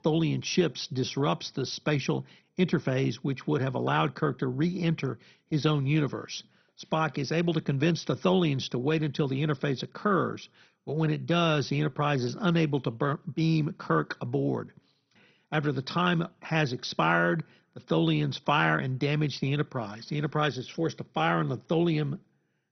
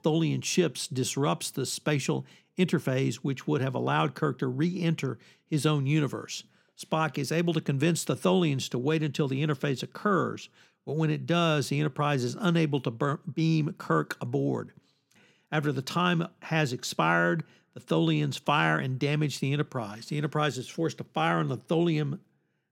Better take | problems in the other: second | garbled, watery; badly; nothing above 6 kHz

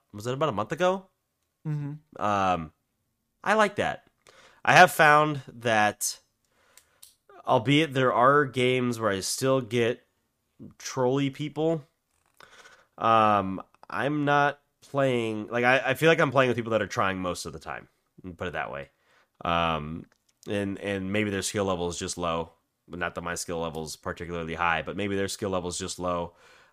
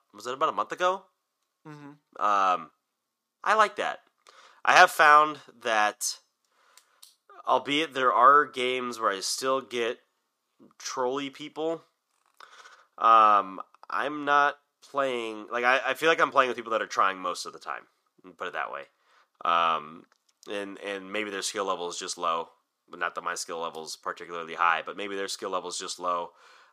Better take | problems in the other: first | thin; somewhat; fading below 350 Hz

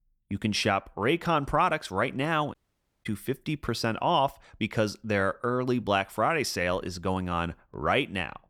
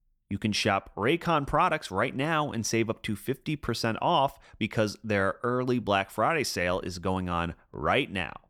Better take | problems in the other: second | audio cutting out; at 2.5 s for 0.5 s

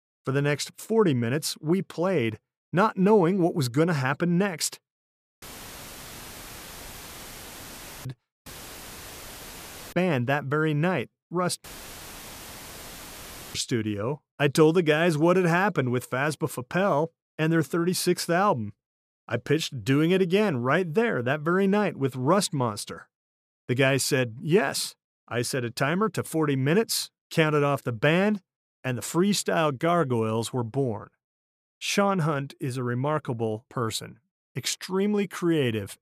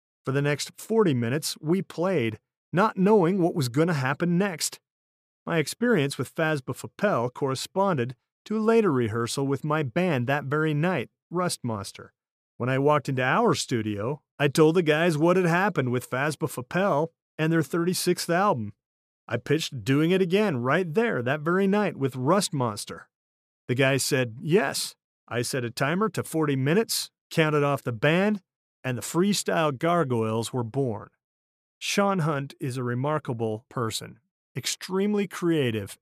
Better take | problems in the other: second | audio cutting out; filled with static; at 5.5 s for 2.5 s, at 8.5 s for 1.5 s and at 12 s for 2 s

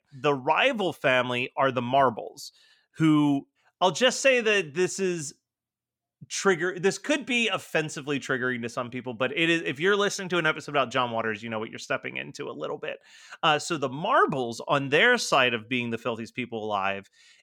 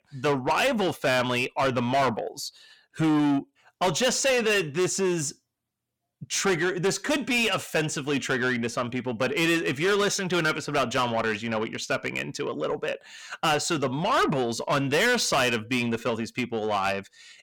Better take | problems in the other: first | distortion; heavy; 7 dB below the speech

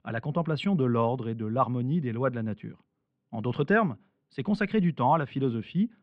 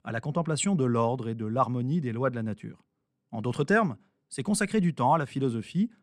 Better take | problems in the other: second | muffled; slightly; fading above 3.5 kHz

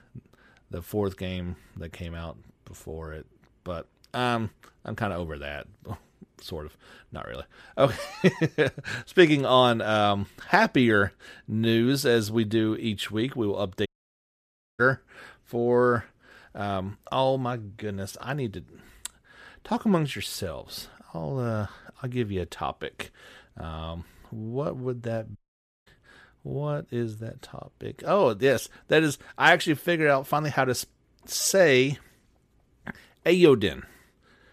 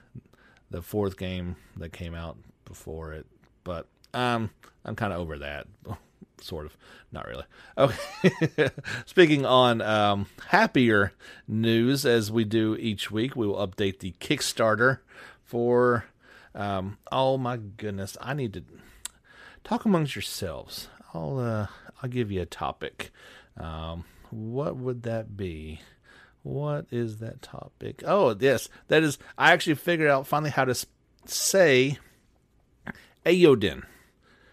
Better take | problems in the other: second | audio cutting out; at 14 s for 1 s and at 25 s for 0.5 s

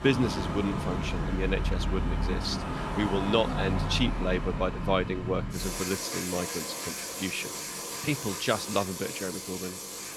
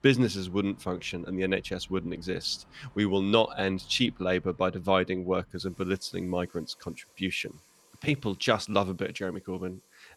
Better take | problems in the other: second | traffic noise; loud; throughout; 2 dB below the speech; faint in the second

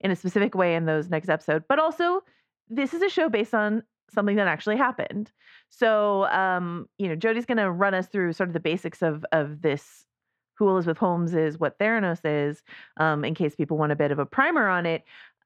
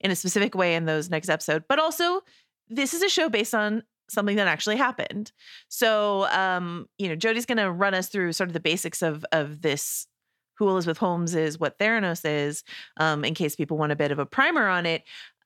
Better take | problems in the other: second | muffled; very; fading above 4 kHz

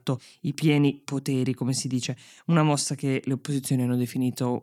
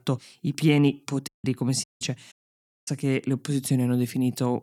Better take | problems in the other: first | audio cutting out; at 1.5 s, at 2 s and at 2.5 s for 0.5 s

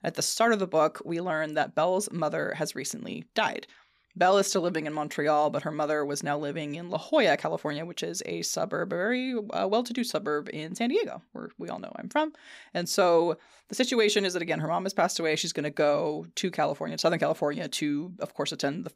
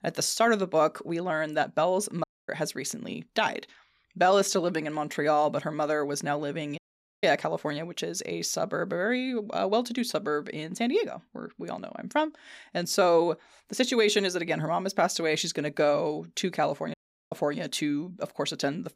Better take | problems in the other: first | audio cutting out; at 2 s, at 7 s and at 17 s

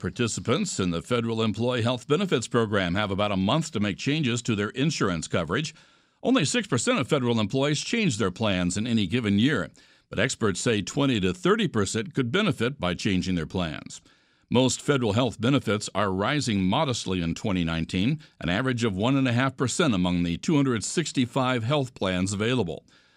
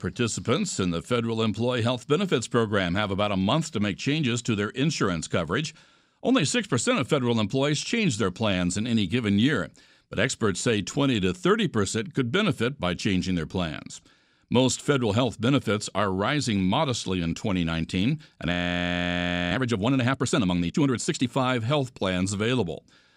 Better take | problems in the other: first | audio freezing; at 19 s for 1 s

